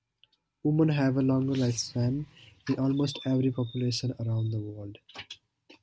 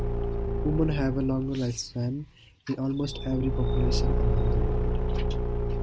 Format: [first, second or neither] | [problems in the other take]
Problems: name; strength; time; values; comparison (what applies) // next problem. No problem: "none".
first | background sound (Engine / Car); 3 dB above the speech